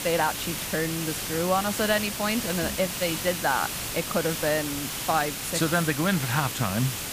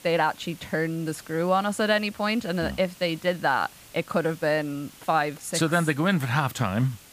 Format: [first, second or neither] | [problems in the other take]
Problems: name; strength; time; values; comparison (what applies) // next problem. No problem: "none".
second | hiss; loud; throughout; 3 dB below the speech; faint in the second